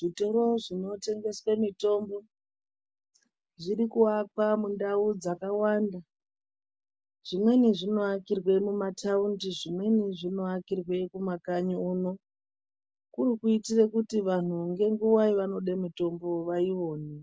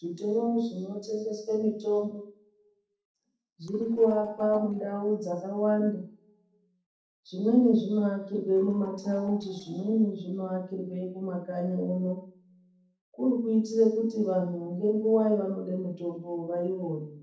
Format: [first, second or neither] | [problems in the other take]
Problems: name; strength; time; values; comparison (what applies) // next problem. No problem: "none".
first | noise reduction (neural separator model SepFormer DNS4)